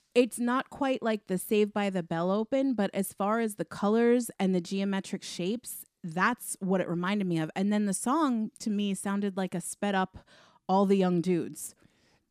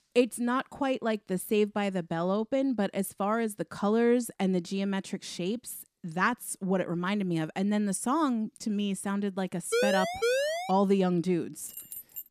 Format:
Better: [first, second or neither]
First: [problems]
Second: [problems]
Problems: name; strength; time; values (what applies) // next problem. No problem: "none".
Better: first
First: none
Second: siren; loud; at 9.5 s; peak 2 dB above the speech // jangling keys; faint; at 12 s; peak 10 dB below the speech